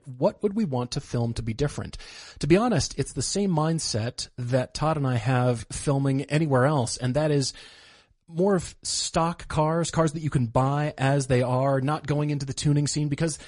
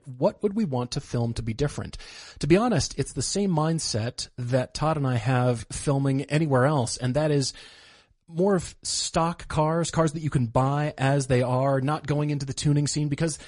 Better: neither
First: garbled, watery; slightly; nothing above 10.5 kHz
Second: garbled, watery; slightly; nothing above 10.5 kHz

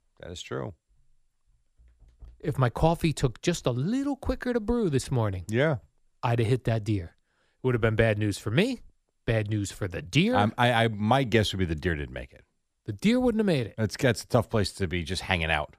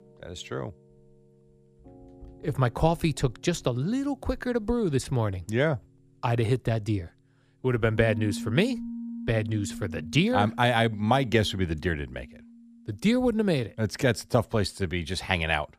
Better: first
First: none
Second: background music; noticeable; throughout; 15 dB below the speech

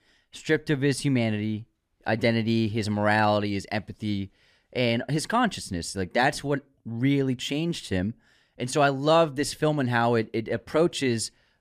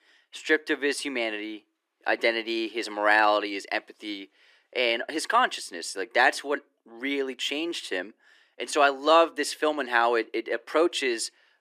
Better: first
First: none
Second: thin; very; fading below 300 Hz

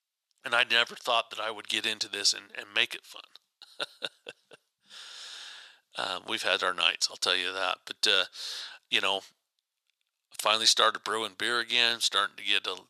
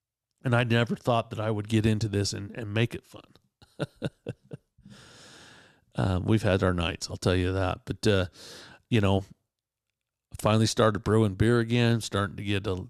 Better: second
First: thin; very; fading below 950 Hz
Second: none

